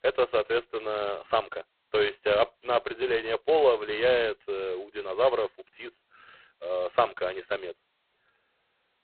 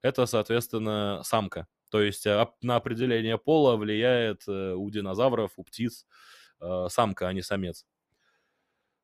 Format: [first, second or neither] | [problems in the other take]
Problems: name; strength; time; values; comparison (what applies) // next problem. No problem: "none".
second | phone-call audio; poor line; nothing above 4 kHz